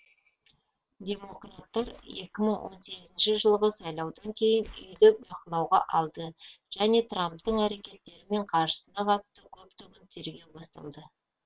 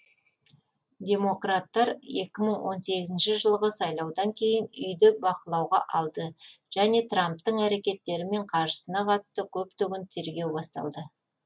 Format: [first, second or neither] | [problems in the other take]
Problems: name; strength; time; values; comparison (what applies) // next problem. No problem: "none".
second | noise reduction (neural separator model SepFormer WHAM!)